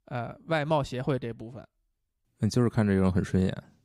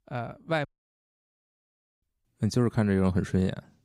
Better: first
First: none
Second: audio cutting out; at 0.5 s for 1.5 s

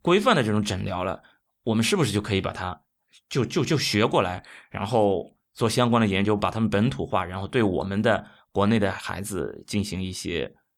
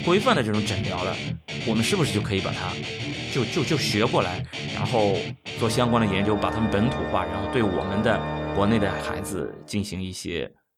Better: first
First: none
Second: background music; loud; throughout; 5 dB below the speech

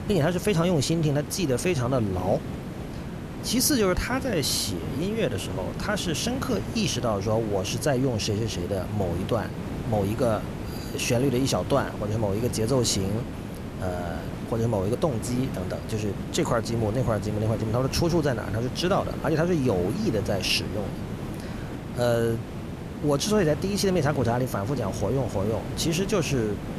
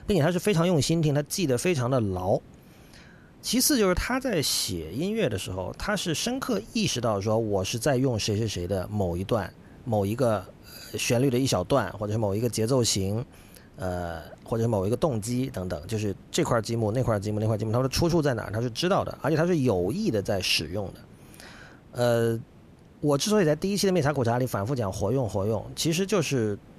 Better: second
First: hiss; loud; throughout; 8 dB below the speech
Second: hiss; faint; throughout; 25 dB below the speech

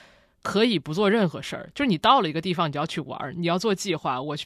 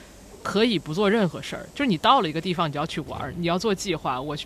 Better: first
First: none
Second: hiss; faint; throughout; 20 dB below the speech

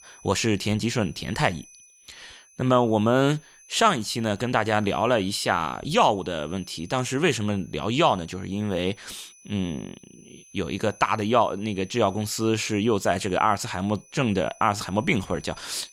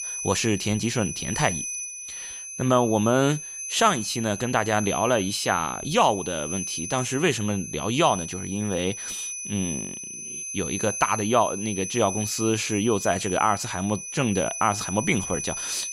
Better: first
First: high-pitched whine; faint; throughout; 6 kHz, 25 dB below the speech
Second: high-pitched whine; loud; throughout; 6 kHz, 6 dB below the speech

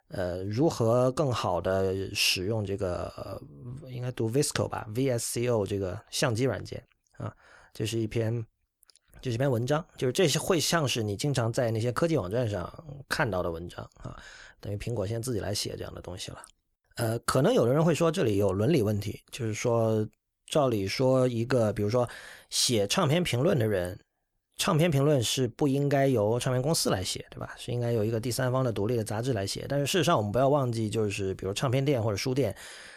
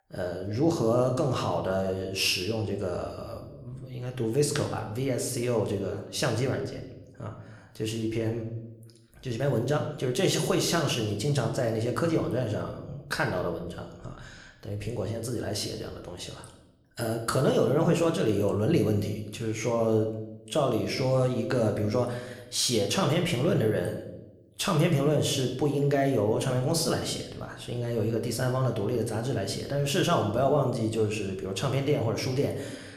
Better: first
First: none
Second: room echo; slight; dies away in 0.8 s

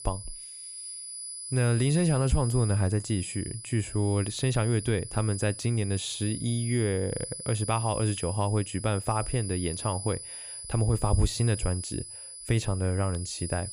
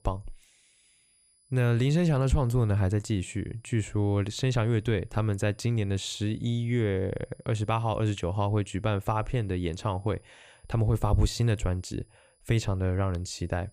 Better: second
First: high-pitched whine; loud; throughout; 10 kHz, 9 dB below the speech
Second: high-pitched whine; faint; throughout; 10 kHz, 35 dB below the speech

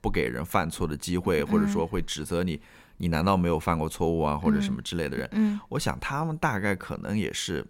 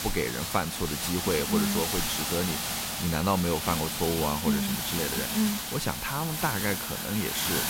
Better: first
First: none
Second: hiss; loud; throughout; as loud as the speech

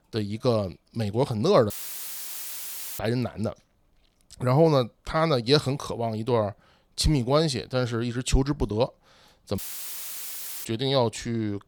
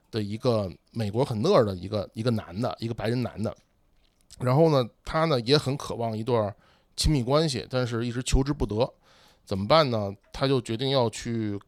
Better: second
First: audio cutting out; filled with static; at 1.5 s for 1.5 s and at 9.5 s for 1 s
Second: none

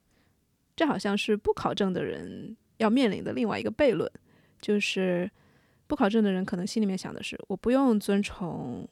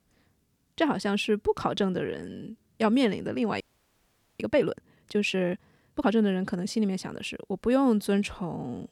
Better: first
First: none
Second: audio freezing; at 3.5 s for 1 s

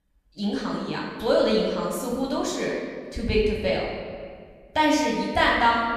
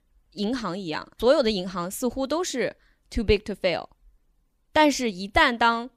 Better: second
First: off-mic speech; far // room echo; noticeable; dies away in 1.6 s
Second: none

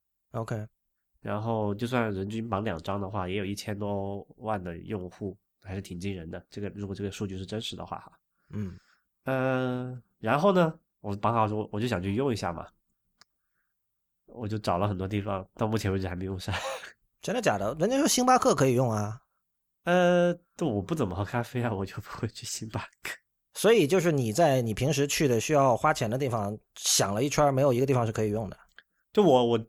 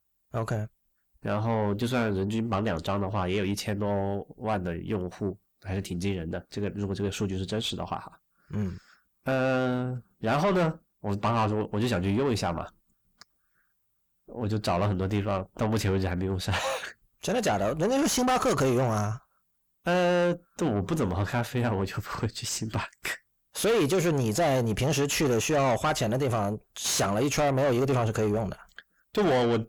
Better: first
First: none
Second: distortion; heavy; 6 dB below the speech

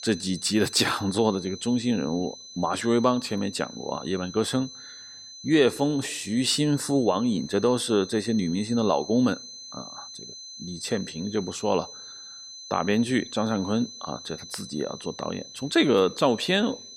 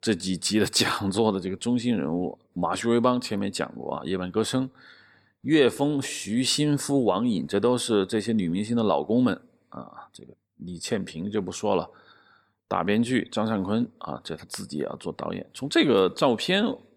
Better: second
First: high-pitched whine; noticeable; throughout; 4 kHz, 15 dB below the speech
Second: none

